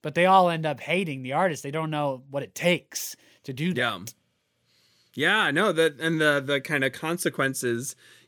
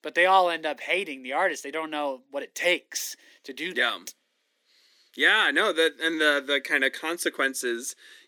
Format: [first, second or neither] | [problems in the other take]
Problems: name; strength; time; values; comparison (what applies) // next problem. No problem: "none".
first | thin; somewhat; fading below 250 Hz